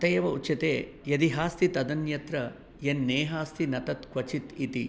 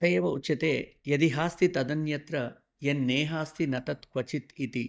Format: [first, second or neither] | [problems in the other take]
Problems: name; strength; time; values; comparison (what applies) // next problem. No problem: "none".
first | noise reduction (neural mask model DeepFilterNet 3)